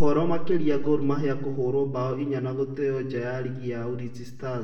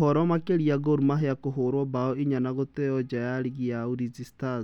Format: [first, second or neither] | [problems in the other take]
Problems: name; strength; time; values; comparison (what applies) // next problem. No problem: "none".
second | room echo; dies away in 0.7 s